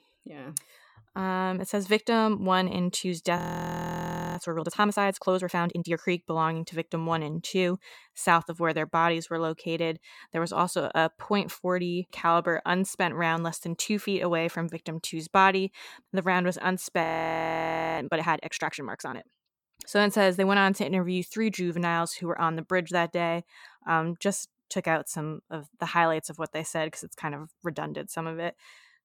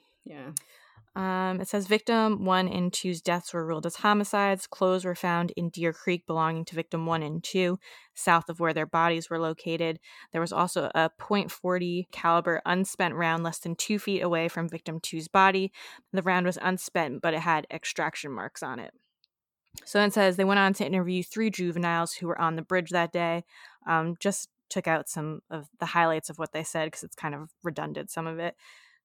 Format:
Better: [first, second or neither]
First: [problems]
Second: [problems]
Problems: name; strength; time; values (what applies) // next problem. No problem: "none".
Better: second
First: audio freezing; at 3.5 s for 1 s and at 17 s for 1 s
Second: none